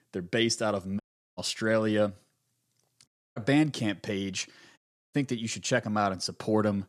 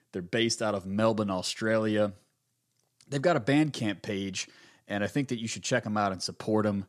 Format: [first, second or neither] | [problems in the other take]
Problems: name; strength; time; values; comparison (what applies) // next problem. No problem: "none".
second | audio cutting out; at 1 s, at 3 s and at 5 s